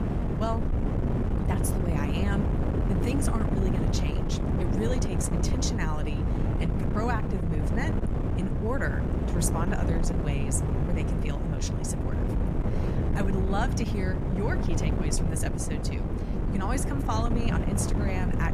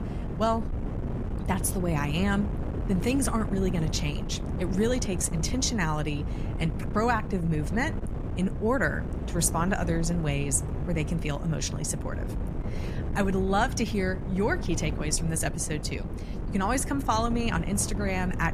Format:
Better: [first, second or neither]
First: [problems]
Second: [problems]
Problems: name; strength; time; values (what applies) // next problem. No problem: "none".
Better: second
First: wind noise on the microphone; heavy; 1 dB below the speech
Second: wind noise on the microphone; occasional gusts; 10 dB below the speech